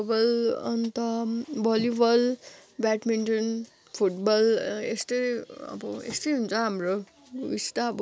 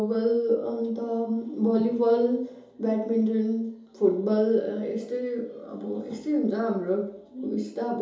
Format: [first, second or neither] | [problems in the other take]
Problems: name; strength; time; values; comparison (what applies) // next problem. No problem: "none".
first | room echo; dies away in 2.8 s